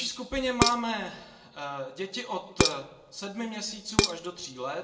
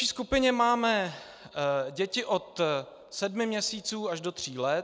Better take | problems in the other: second | background sound (Dishes, pots, and pans); 3 dB above the speech // room echo; dies away in 0.6 s

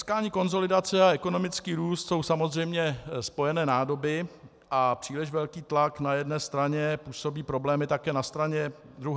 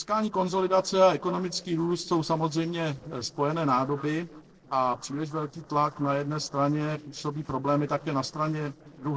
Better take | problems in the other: first | noise reduction (neural separator model SepFormer DNS4)

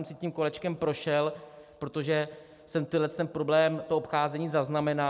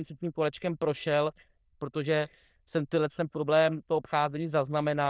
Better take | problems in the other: first | noise reduction (neural diffusion model UNIVERSE++)

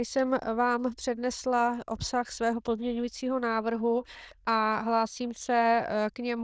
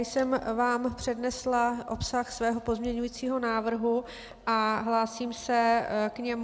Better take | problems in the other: second | noise reduction (neural diffusion model UNIVERSE++)

